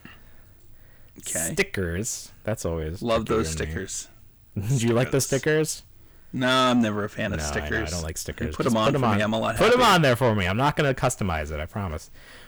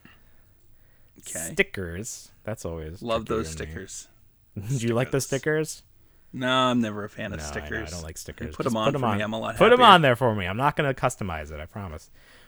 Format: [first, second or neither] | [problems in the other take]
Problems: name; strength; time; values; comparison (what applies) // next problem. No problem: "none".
second | distortion; heavy; 6 dB below the speech